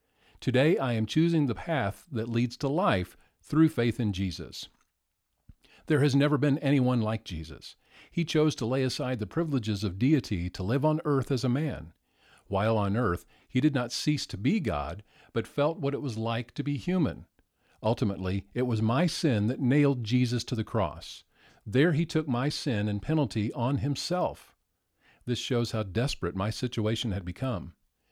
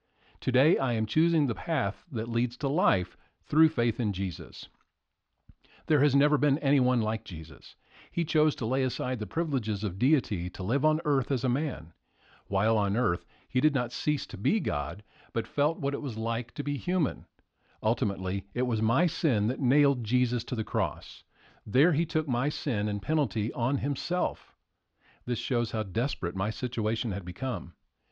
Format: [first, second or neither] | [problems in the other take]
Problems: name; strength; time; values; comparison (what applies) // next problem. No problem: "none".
first | muffled; very slightly; fading above 4.5 kHz